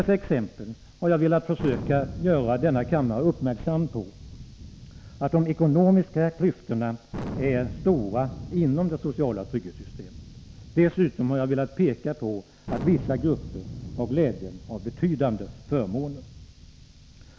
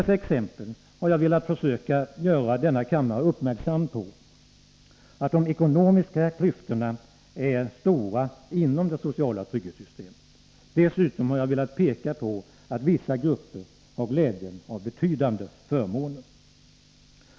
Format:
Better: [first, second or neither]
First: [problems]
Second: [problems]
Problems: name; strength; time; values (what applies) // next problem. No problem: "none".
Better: second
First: background sound (Thunder); 13 dB below the speech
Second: none